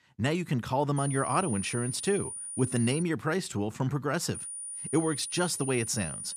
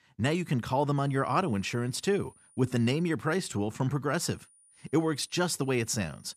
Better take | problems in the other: second | high-pitched whine; loud; from 1 to 3 s and from 4.5 s on; 9.5 kHz, 6 dB below the speech; faint in the second

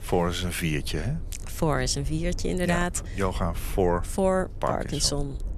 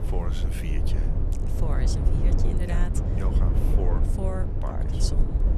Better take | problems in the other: first | low rumble; loud; throughout; as loud as the speech; faint in the first

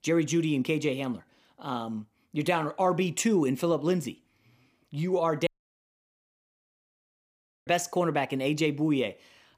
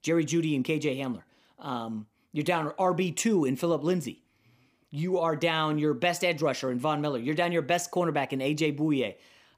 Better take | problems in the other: second | audio cutting out; at 5.5 s for 2 s

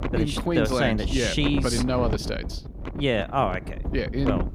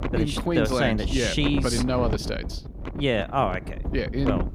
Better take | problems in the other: neither | wind noise on the microphone; occasional gusts; 10 dB below the speech; the same in both

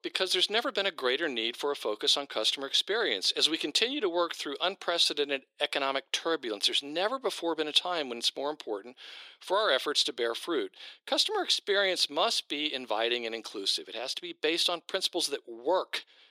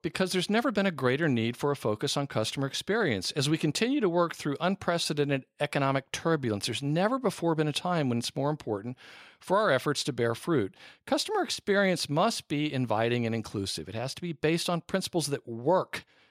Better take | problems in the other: second | thin; somewhat; fading below 350 Hz

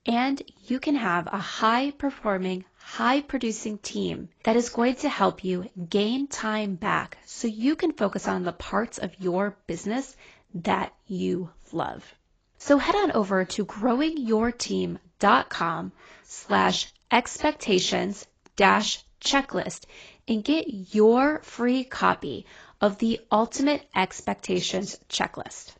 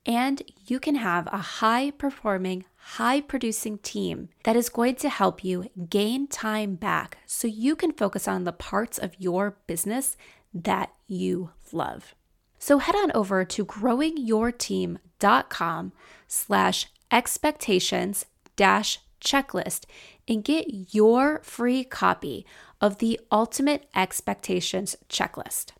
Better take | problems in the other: second | garbled, watery; badly; nothing above 7.5 kHz

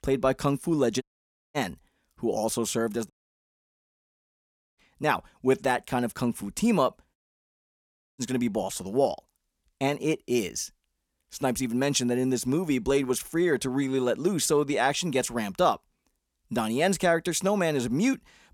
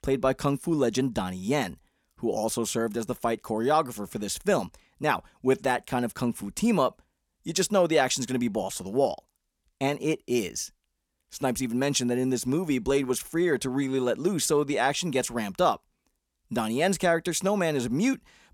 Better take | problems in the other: second | audio cutting out; at 1 s for 0.5 s, at 3 s for 1.5 s and at 7 s for 1 s

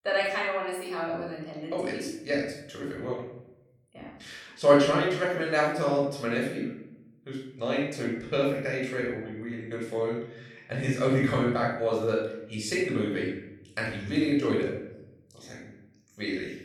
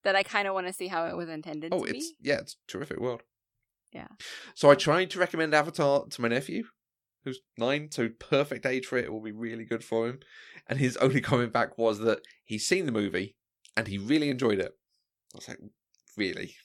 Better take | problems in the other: second | room echo; noticeable; dies away in 0.8 s // off-mic speech; far

